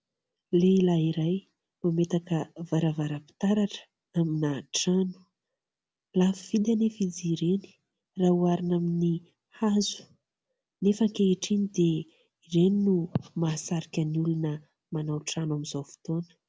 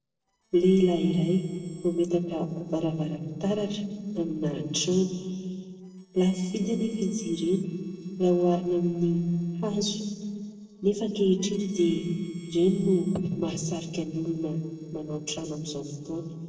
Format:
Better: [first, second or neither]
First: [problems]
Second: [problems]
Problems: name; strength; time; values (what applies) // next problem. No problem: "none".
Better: first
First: none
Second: noise reduction (neural separator model SepFormer DNS4)